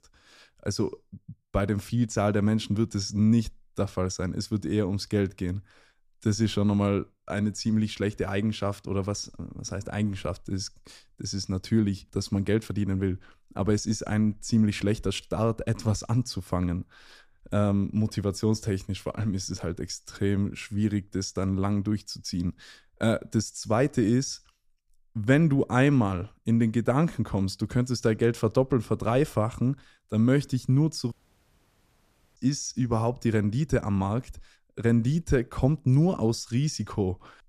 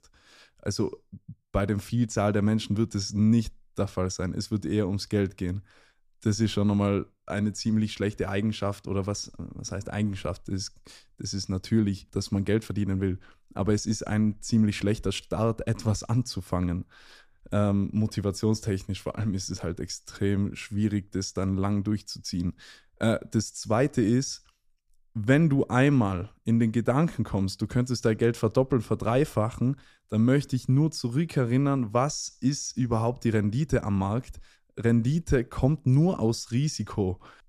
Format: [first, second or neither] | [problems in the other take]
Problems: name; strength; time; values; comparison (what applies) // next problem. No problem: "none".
second | audio cutting out; at 31 s for 1 s